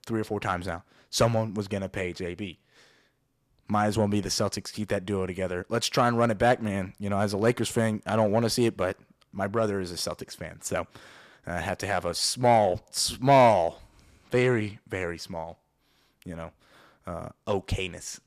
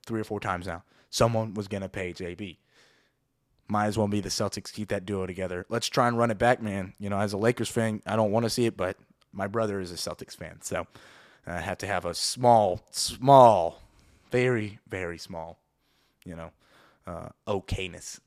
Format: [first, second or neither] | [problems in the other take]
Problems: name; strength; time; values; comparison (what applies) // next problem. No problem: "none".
second | distortion; slight; 10 dB below the speech